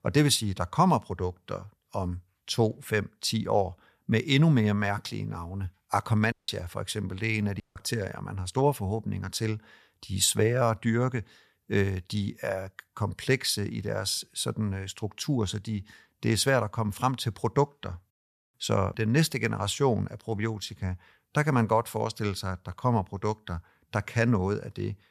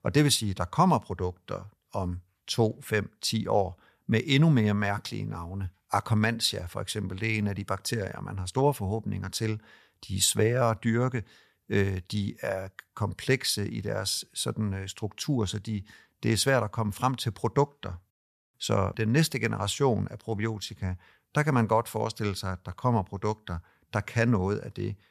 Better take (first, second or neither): second